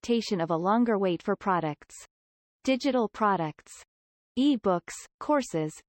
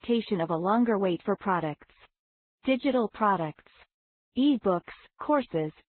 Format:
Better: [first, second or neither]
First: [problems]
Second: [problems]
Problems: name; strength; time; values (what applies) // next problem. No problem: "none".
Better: first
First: none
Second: garbled, watery; badly; nothing above 4 kHz